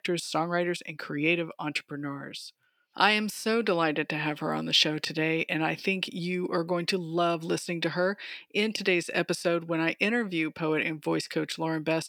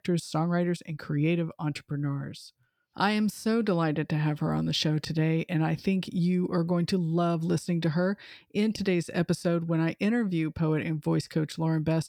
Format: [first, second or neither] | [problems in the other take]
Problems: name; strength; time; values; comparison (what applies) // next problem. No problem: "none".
second | thin; somewhat; fading below 350 Hz